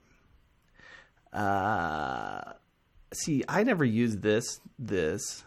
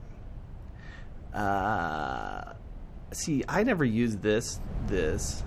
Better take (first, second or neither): first